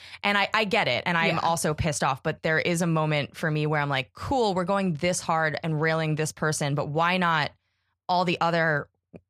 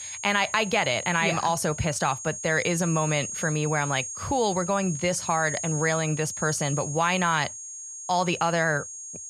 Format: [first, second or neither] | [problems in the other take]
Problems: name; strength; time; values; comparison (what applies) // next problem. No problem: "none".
first | high-pitched whine; loud; throughout; 6.5 kHz, 8 dB below the speech